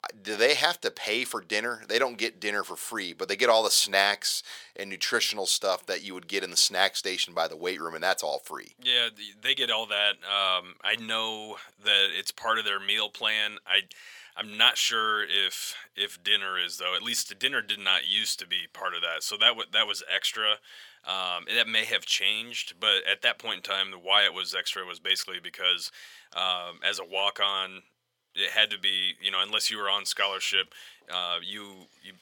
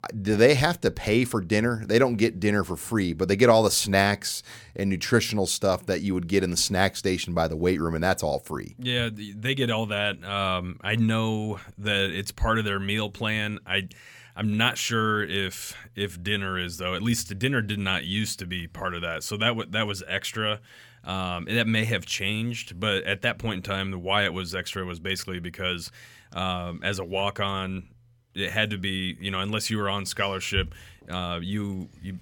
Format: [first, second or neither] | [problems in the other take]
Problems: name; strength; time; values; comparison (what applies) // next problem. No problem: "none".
second | thin; very; fading below 600 Hz